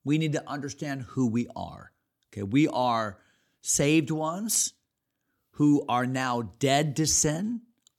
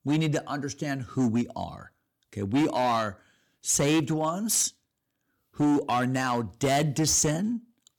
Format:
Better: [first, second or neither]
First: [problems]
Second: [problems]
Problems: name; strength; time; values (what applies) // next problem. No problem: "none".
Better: first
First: none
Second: distortion; slight; 7% of the sound clipped